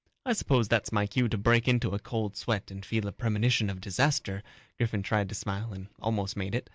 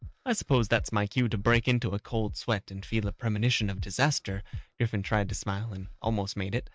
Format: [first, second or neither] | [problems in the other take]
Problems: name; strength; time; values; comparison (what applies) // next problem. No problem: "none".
first | noise reduction (neural mask model RNNoise)